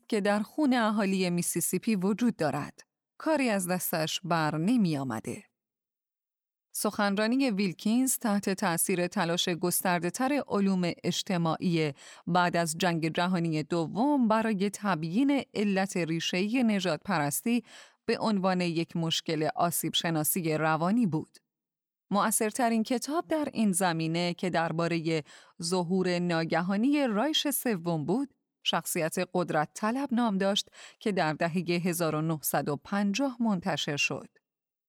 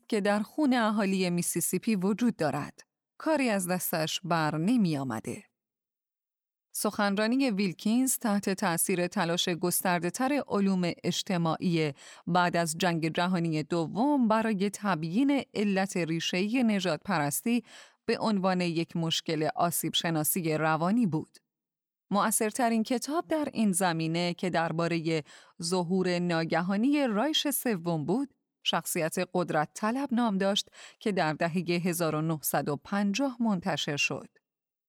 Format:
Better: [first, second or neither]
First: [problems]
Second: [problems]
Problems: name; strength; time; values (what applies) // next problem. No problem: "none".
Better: neither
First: none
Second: none